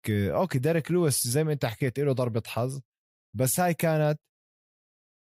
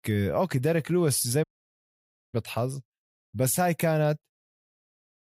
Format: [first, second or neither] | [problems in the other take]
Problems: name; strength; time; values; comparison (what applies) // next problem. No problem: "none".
first | audio cutting out; at 1.5 s for 1 s